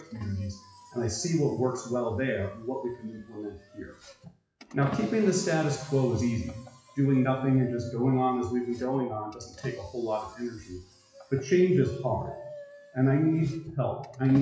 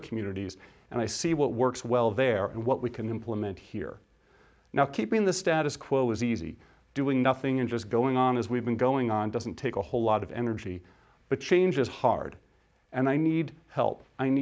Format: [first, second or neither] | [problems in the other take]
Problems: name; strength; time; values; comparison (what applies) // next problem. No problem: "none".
second | noise reduction (classical method WPE with log-MMSE)